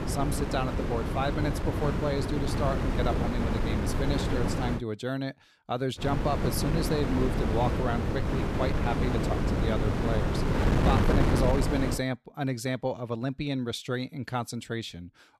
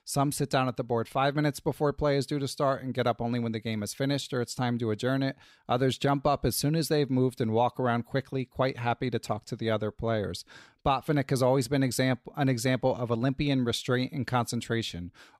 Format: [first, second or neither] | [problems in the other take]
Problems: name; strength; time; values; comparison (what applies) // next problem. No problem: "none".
second | wind noise on the microphone; heavy; until 5 s and from 6 to 12 s; as loud as the speech